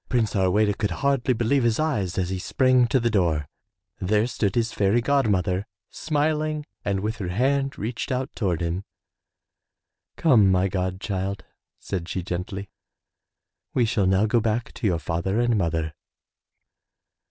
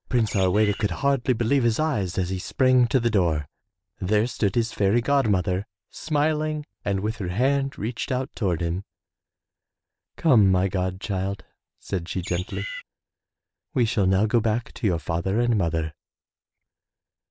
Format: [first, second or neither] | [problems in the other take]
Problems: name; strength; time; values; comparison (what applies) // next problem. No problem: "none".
first | noise reduction (neural mask model Resemble Enhance denoiser)